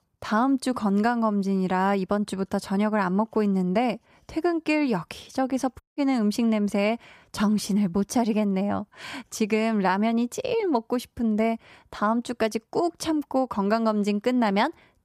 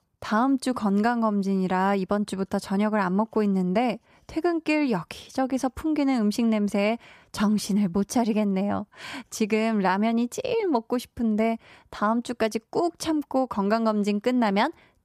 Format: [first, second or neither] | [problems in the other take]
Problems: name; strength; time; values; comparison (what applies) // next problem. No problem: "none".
second | audio cutting out; at 6 s